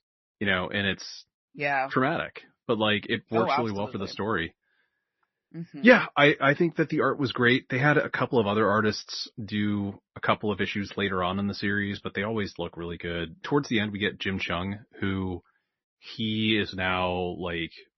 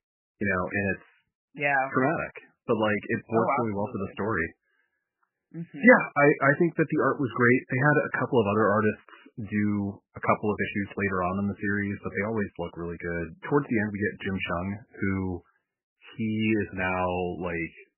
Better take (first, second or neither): first